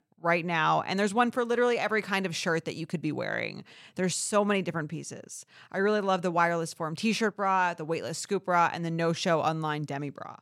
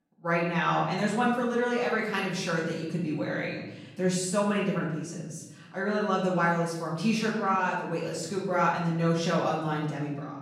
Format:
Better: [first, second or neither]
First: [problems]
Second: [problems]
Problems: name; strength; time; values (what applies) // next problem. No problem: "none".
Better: first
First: none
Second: room echo; noticeable; dies away in 1 s // off-mic speech; far